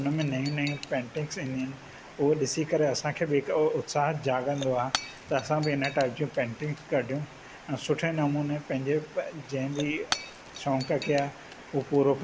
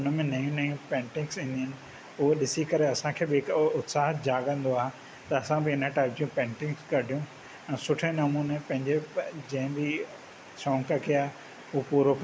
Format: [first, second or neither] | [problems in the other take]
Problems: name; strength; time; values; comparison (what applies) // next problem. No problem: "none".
second | background sound (Shatter / Crushing); 15 dB below the speech